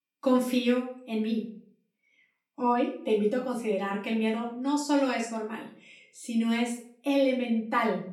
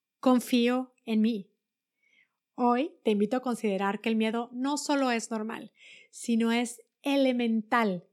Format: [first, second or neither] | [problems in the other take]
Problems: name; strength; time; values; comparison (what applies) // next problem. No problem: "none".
second | off-mic speech; far // room echo; slight; dies away in 0.4 s